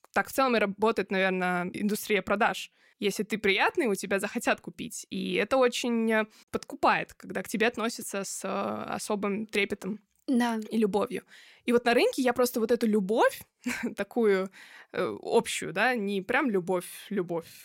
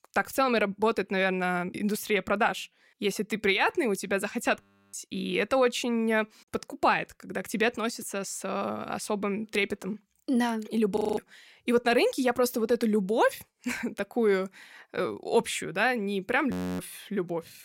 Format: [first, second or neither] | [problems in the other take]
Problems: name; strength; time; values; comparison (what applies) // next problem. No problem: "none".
first | audio freezing; at 4.5 s, at 11 s and at 17 s